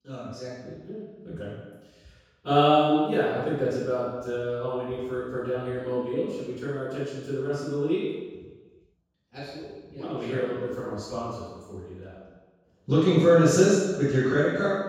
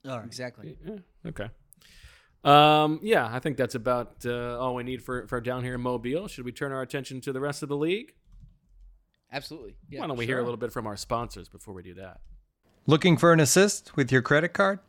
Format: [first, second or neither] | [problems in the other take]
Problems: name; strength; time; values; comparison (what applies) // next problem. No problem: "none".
second | room echo; strong; dies away in 1.2 s // off-mic speech; far